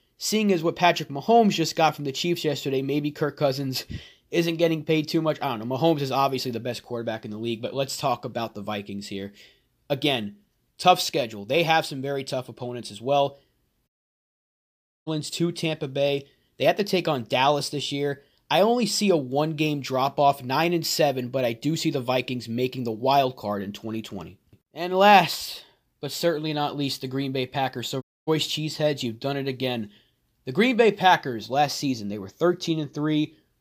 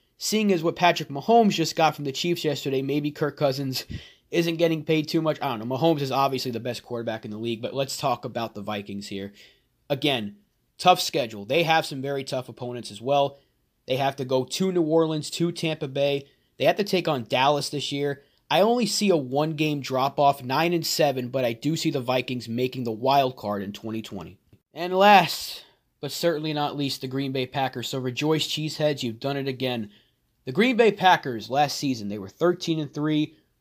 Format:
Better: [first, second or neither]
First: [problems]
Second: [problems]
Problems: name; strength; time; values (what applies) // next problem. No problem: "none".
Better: second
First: audio cutting out; at 14 s for 1 s and at 28 s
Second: none